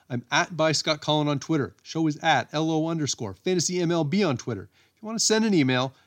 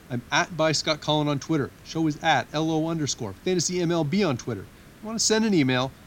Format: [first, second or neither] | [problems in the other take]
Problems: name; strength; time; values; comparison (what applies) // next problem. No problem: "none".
first | hiss; faint; throughout; 25 dB below the speech